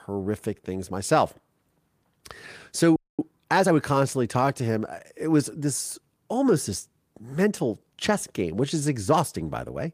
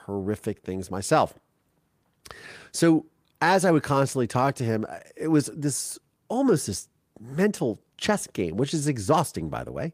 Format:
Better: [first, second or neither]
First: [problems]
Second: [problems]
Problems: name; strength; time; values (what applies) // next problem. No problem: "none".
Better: second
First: audio freezing; at 3 s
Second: none